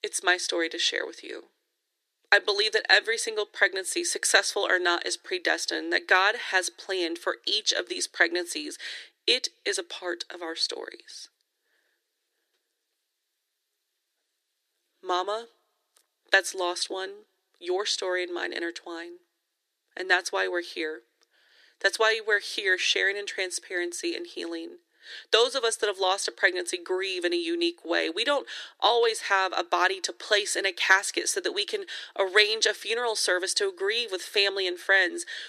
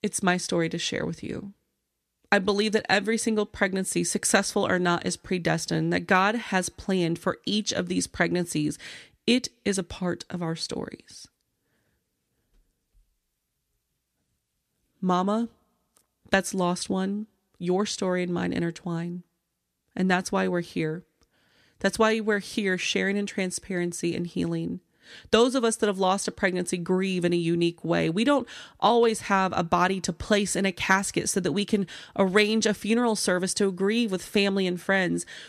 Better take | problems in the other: second | thin; very; fading below 350 Hz

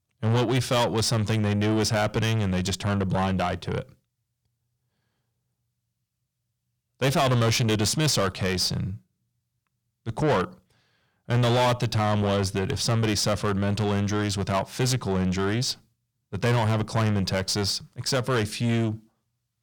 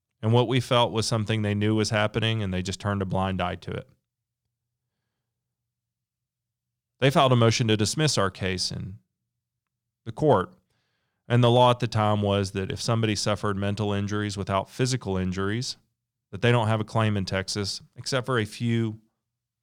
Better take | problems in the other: second | distortion; heavy; 6 dB below the speech

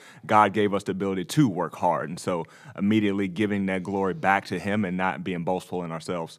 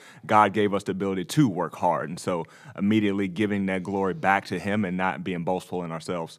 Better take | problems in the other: neither | none

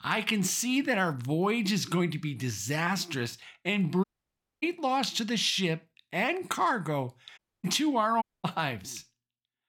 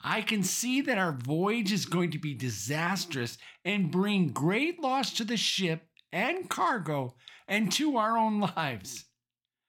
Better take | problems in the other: second | audio cutting out; at 4 s for 0.5 s, at 7.5 s and at 8 s

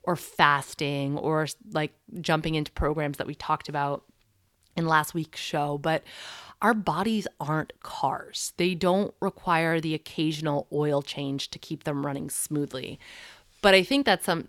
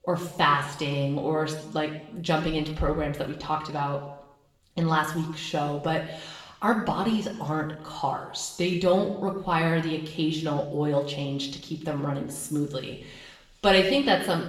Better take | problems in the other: first | room echo; slight; dies away in 0.8 s // off-mic speech; far

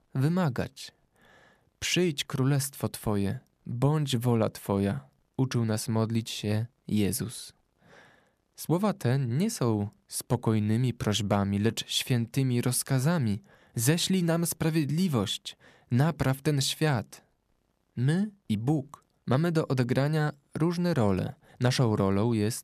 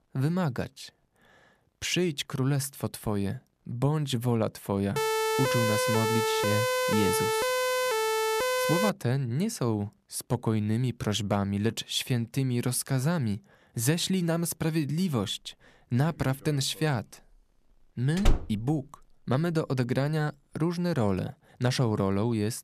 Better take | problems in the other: first | siren; loud; from 5 to 9 s; peak 3 dB above the speech // door banging; noticeable; at 18 s; peak 1 dB below the speech

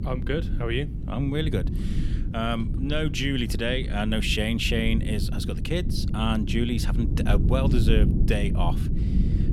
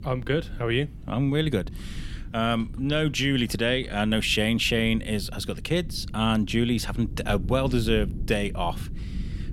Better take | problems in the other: second | low rumble; loud; throughout; 9 dB below the speech; faint in the second

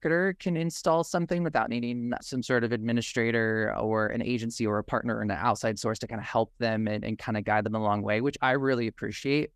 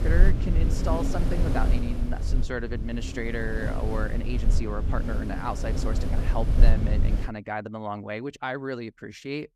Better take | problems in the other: first | wind noise on the microphone; heavy; until 7 s; 5 dB below the speech

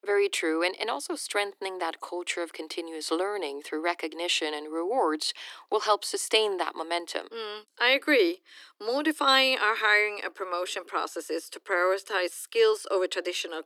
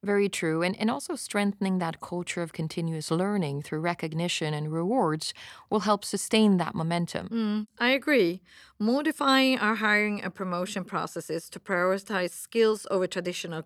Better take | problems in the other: second | thin; very; fading below 300 Hz

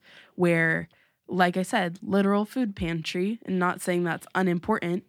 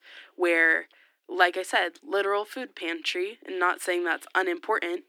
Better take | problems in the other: first | thin; very; fading below 300 Hz

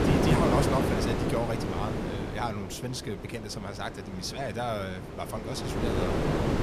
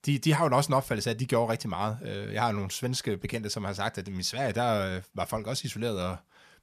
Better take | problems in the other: second | wind noise on the microphone; heavy; 3 dB above the speech

